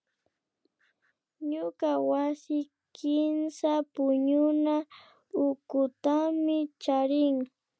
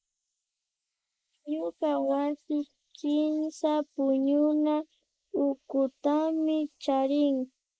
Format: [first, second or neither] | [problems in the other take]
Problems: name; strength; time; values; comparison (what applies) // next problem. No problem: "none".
first | noise reduction (neural mask model Resemble Enhance denoiser)